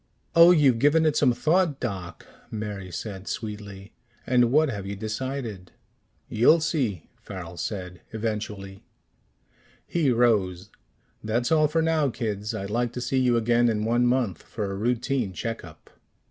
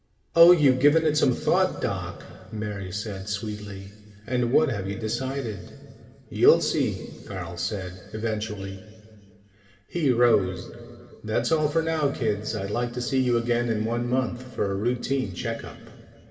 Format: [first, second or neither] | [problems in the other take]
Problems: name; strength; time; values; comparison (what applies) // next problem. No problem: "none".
first | room echo; dies away in 2.3 s